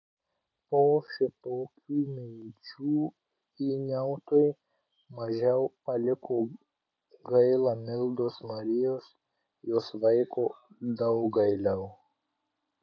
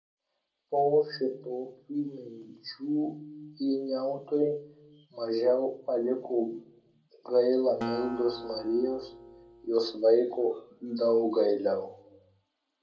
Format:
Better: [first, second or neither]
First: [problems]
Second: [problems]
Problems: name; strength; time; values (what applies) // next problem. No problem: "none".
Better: first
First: none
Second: background sound (Acoustic guitar); 13 dB below the speech // room echo; dies away in 0.2 s